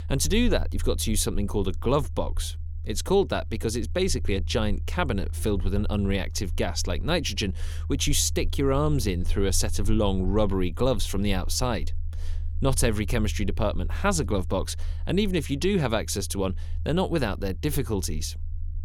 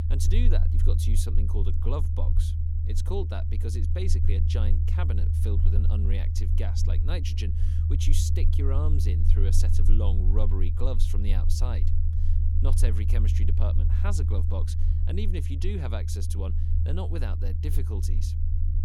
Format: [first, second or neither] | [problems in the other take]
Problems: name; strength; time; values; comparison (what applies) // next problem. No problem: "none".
first | low rumble; loud; throughout; 3 dB below the speech; faint in the first